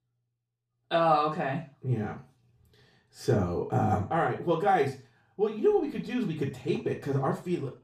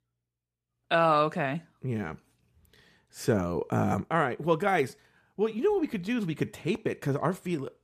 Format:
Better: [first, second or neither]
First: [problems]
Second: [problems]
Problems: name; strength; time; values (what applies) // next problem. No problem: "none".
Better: second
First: room echo; slight; dies away in 0.3 s // off-mic speech; far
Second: none